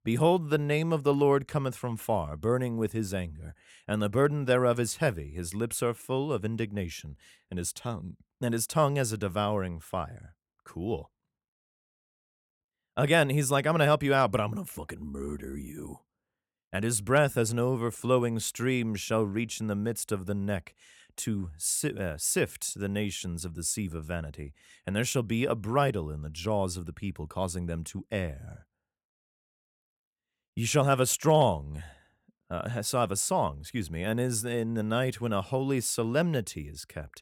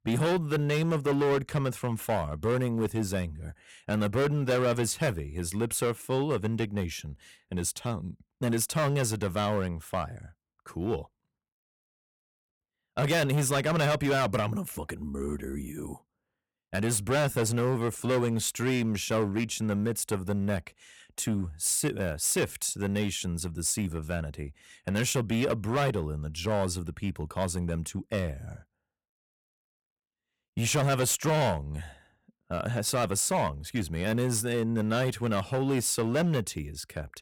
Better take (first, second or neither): first